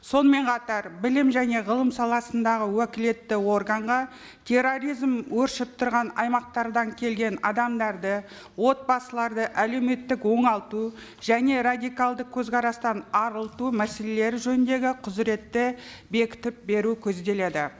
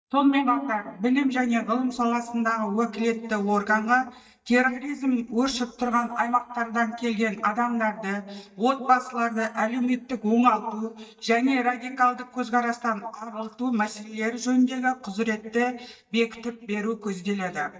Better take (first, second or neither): first